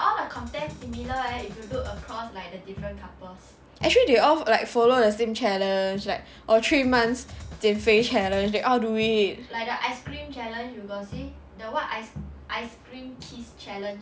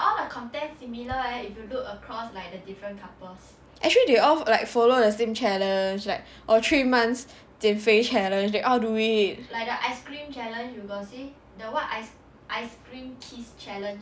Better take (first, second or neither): second